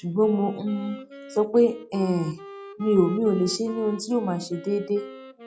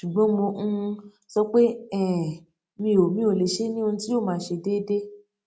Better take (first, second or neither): second